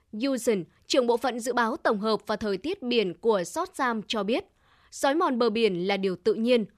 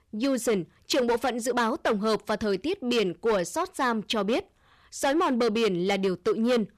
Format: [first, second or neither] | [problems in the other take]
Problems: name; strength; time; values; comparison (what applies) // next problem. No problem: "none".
first | distortion; slight; 10% of the sound clipped